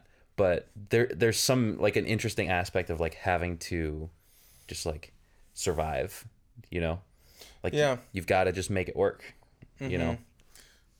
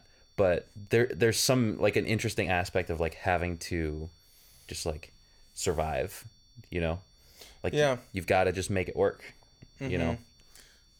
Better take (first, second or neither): first